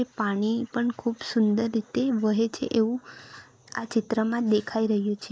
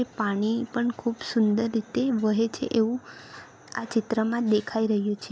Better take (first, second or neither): second